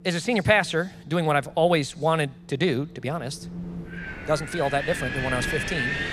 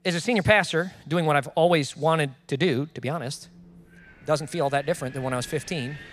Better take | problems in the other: second | wind in the background; loud; throughout; 5 dB below the speech; faint in the second

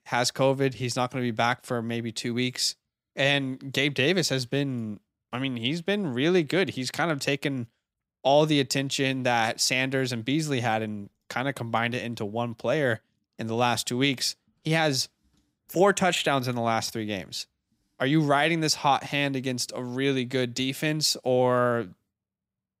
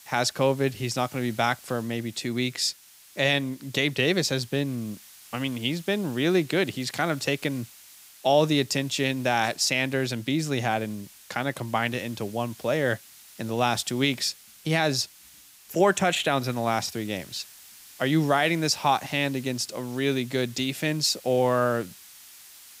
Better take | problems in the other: first | hiss; faint; throughout; 20 dB below the speech

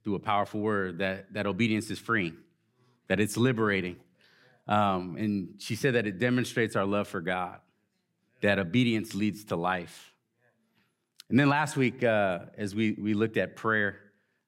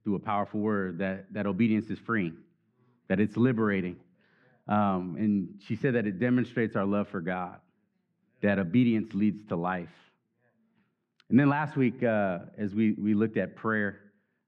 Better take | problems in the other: first | muffled; very; fading above 2 kHz

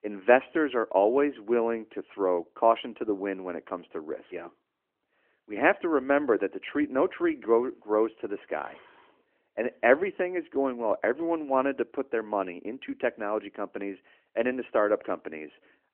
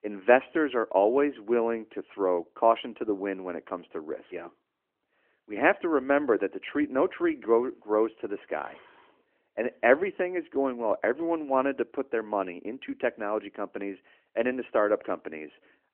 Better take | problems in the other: neither | phone-call audio; the same in both

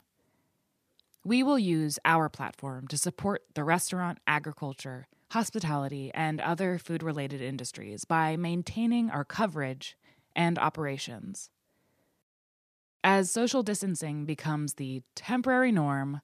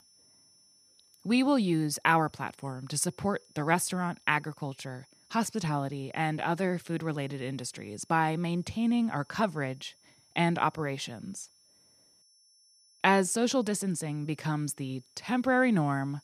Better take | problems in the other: first | high-pitched whine; faint; throughout; 5.5 kHz, 30 dB below the speech

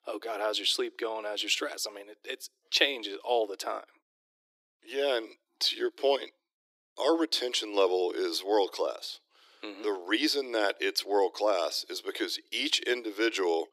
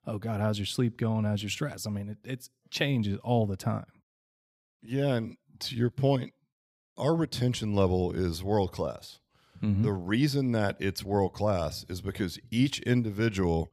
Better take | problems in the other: second | thin; very; fading below 300 Hz

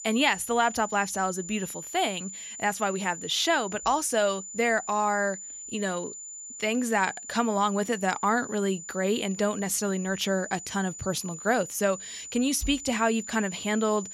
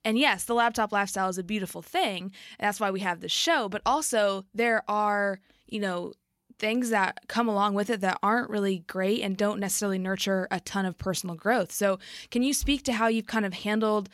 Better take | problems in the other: second | high-pitched whine; noticeable; throughout; 7 kHz, 10 dB below the speech

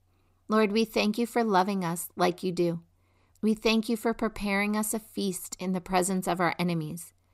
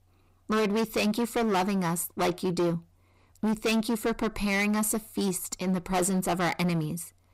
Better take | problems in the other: first | distortion; heavy; 16% of the sound clipped

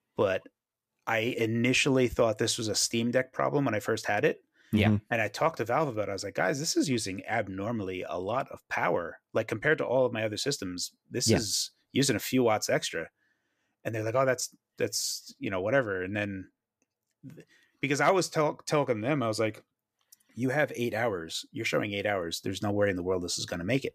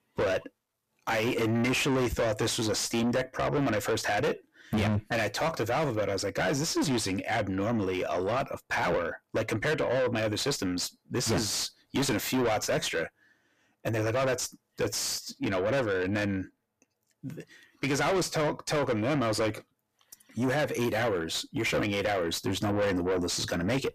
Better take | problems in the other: first | distortion; heavy; 5 dB below the speech

